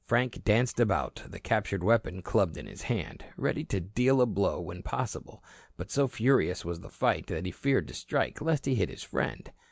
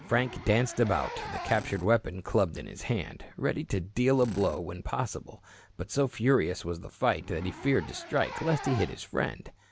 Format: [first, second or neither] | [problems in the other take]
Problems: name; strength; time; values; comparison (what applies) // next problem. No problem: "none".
first | background sound (Zipper (clothing) + Drill); 15 dB below the speech